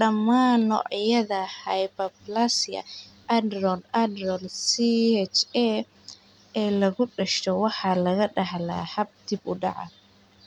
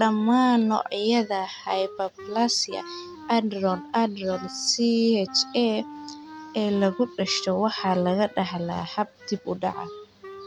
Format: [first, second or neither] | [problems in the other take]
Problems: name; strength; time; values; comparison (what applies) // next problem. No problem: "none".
first | background sound (Wind instrument, woodwind instrument); 18 dB below the speech